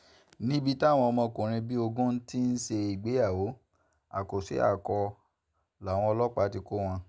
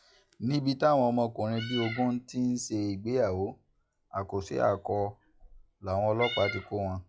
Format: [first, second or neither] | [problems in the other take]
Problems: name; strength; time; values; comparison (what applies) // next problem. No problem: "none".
first | noise reduction (classical method log-MMSE)